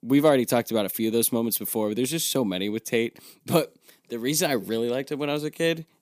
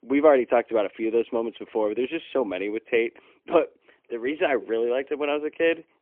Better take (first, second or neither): first